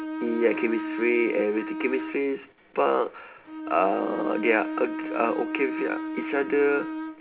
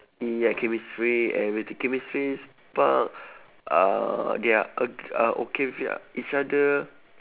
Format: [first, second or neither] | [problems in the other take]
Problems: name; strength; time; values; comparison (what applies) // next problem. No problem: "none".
second | background sound (Bowed string instrument); 6 dB below the speech // room echo; dies away in 0.3 s